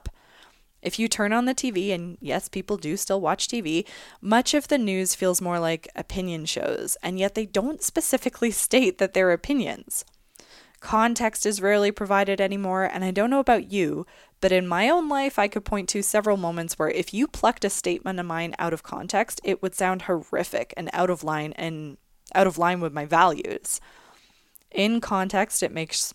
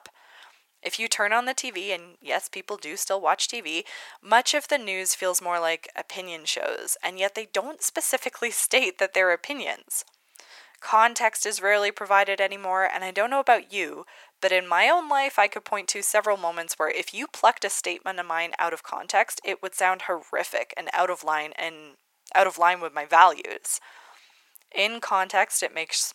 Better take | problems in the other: first | thin; very; fading below 700 Hz

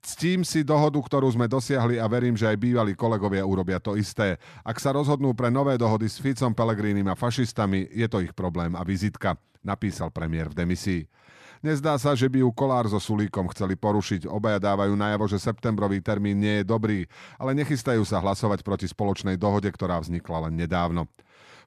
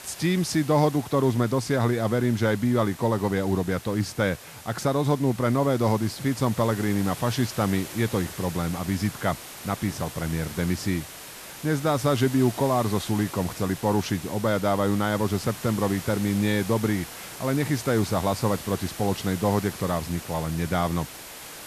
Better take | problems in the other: first | hiss; noticeable; throughout; 15 dB below the speech

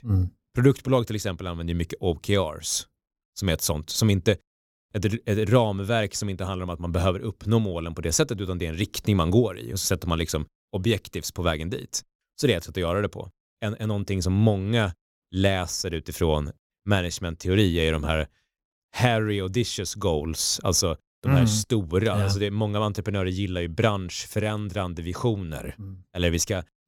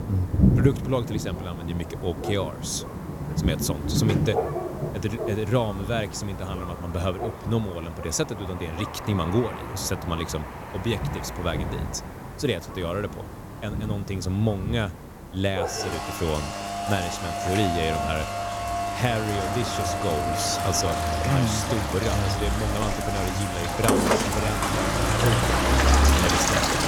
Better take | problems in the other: first | rain or running water; very loud; throughout; 2 dB above the speech

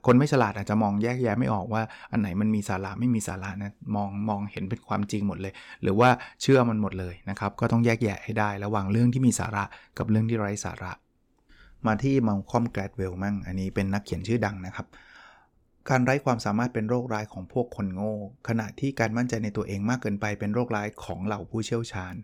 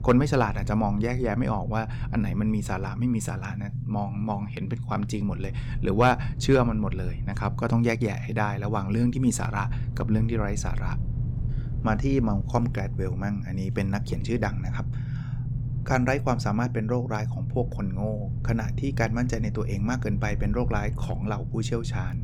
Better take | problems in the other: first | low rumble; noticeable; throughout; 15 dB below the speech

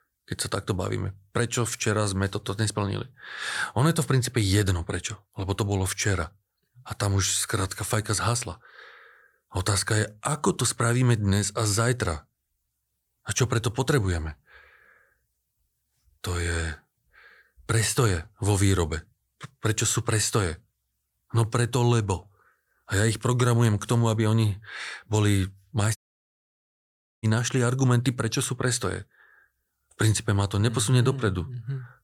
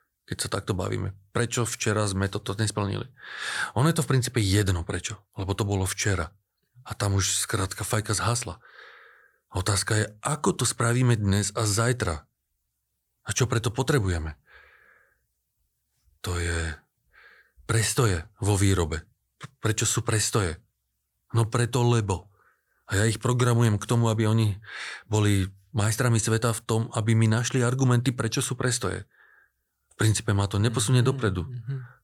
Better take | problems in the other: second | audio cutting out; at 26 s for 1.5 s

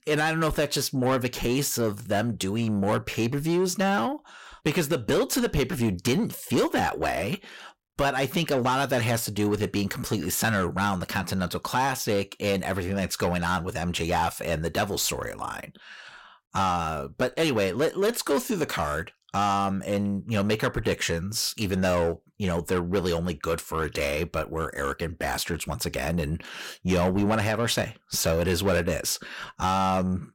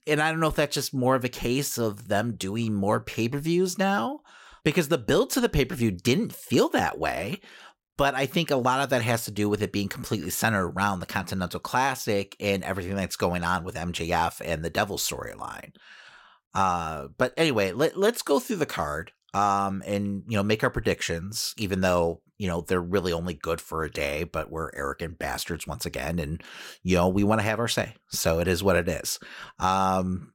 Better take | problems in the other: second | distortion; slight; 10 dB below the speech

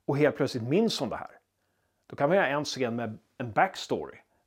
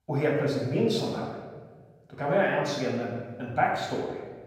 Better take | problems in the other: first | off-mic speech; far // room echo; noticeable; dies away in 1.2 s

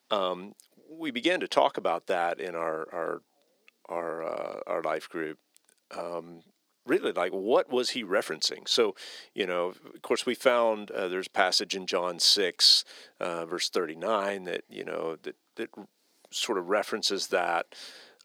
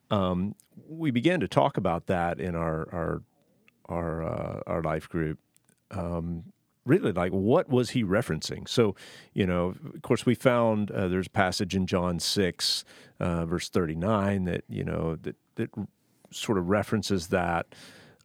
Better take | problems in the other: second | thin; somewhat; fading below 350 Hz

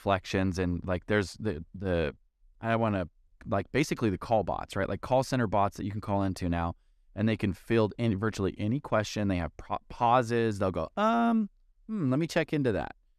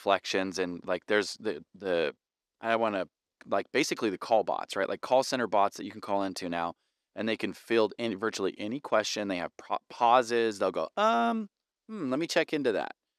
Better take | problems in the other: first | thin; somewhat; fading below 350 Hz

